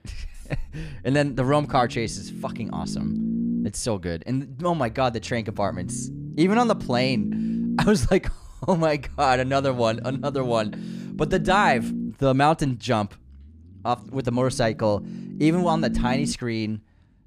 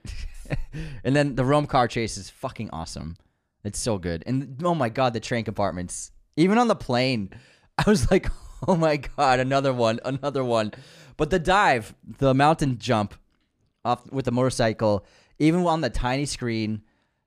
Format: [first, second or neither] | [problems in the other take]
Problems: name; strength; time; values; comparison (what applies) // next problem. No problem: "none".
second | low rumble; noticeable; throughout; 15 dB below the speech